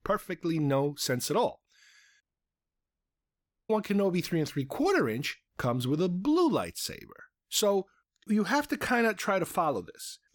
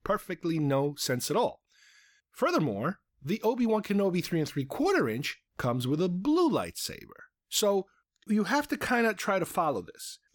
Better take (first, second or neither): second